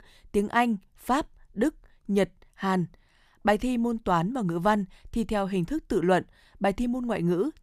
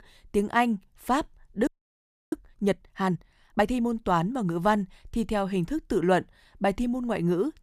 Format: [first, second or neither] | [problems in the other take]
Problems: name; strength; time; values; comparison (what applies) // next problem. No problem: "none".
first | audio freezing; at 1.5 s for 0.5 s